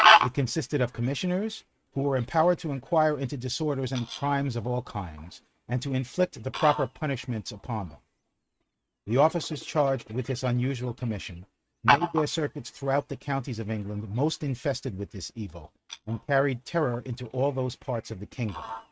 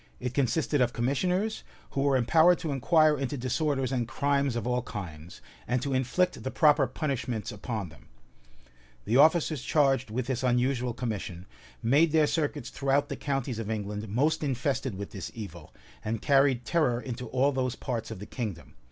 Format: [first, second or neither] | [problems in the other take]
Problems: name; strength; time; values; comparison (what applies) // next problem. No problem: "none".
second | noise reduction (neural mask model RNNoise)